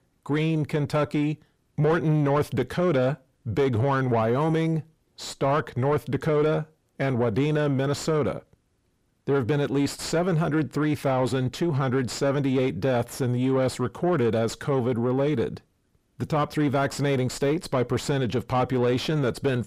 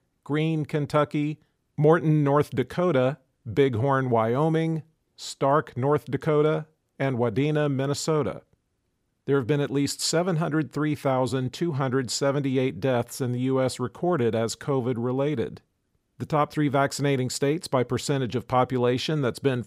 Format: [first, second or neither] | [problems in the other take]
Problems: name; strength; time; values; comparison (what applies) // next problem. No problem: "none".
second | distortion; slight; 9 dB below the speech